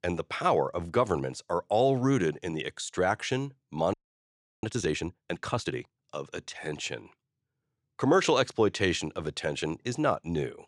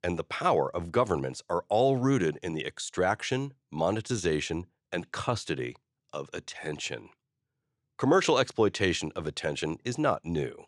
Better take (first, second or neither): second